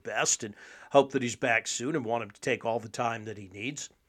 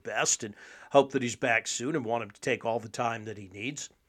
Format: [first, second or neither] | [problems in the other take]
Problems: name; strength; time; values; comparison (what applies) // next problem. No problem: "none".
neither | none